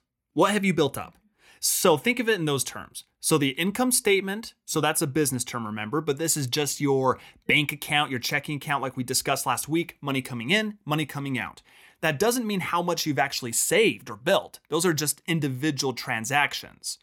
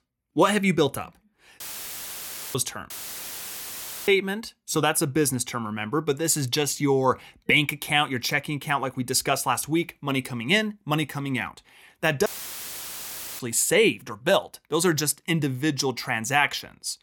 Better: first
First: none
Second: audio cutting out; filled with static; at 1.5 s for 1 s, at 3 s for 1 s and at 12 s for 1 s

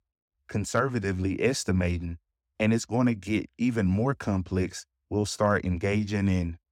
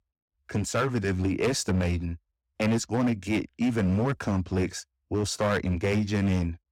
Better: first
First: none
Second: distortion; slight; 11% of the sound clipped

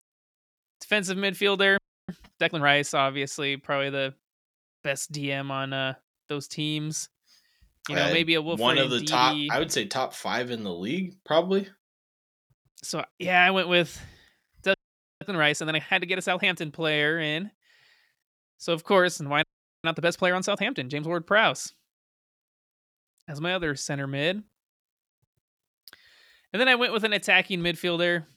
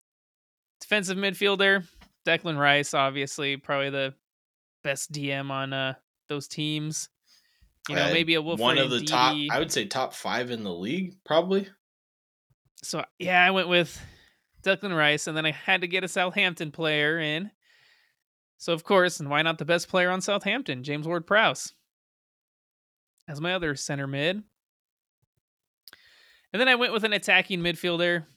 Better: second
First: audio freezing; at 2 s, at 15 s and at 19 s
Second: none

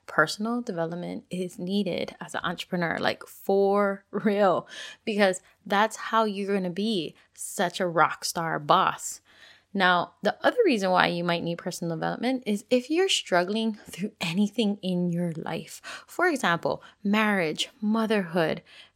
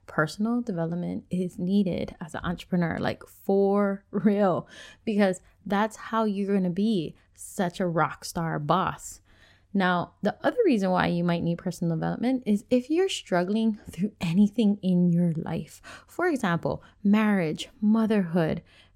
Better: second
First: thin; very slightly; fading below 1 kHz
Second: none

